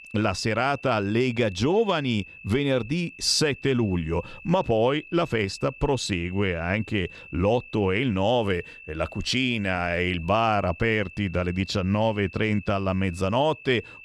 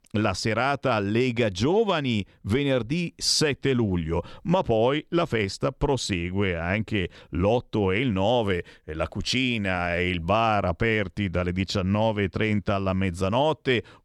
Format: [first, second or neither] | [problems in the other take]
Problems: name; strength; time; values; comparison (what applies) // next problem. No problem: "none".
second | high-pitched whine; noticeable; throughout; 2.5 kHz, 20 dB below the speech